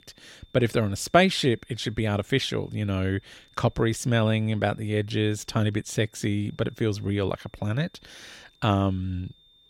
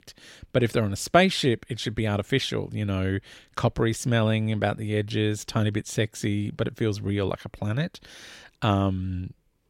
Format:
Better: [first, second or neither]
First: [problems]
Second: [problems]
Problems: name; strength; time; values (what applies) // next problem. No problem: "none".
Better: second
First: high-pitched whine; faint; throughout; 3.5 kHz, 35 dB below the speech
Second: none